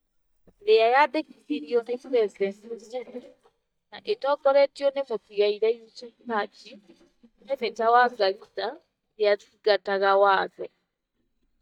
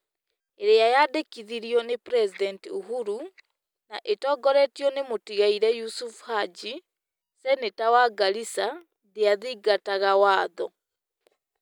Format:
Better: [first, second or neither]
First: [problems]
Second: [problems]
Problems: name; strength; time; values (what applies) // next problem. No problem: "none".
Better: second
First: noise reduction (neural mask model DeepFilterNet 3)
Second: none